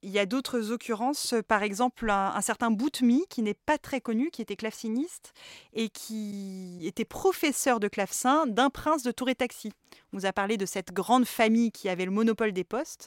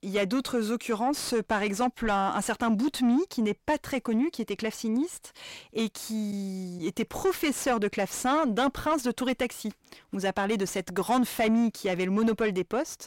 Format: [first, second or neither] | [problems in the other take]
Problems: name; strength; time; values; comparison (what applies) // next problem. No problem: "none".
first | distortion; slight; 10 dB below the speech